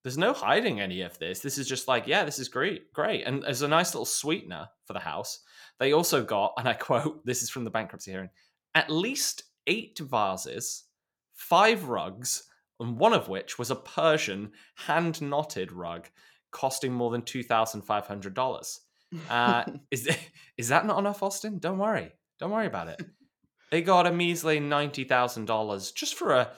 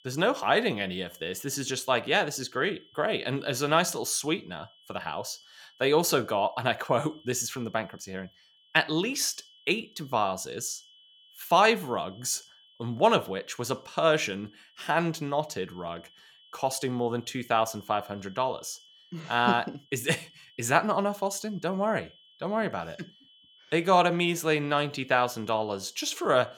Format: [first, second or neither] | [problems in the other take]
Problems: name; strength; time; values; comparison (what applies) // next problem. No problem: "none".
first | high-pitched whine; faint; throughout; 3 kHz, 30 dB below the speech